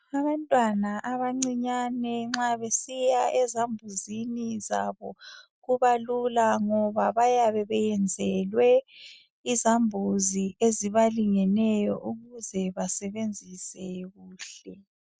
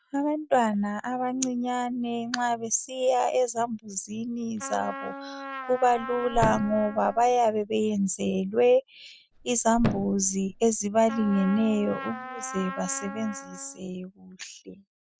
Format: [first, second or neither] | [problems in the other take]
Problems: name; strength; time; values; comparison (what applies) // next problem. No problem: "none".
first | background sound (Thump, thud + Trumpet); 10 dB below the speech